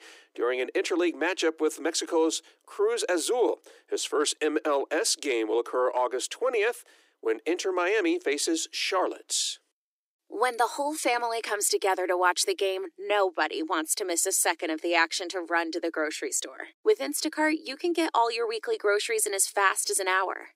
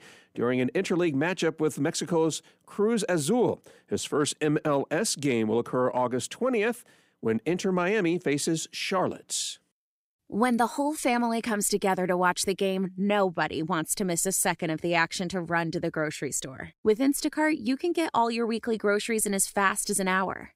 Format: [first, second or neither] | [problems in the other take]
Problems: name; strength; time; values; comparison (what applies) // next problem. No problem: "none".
second | thin; very; fading below 300 Hz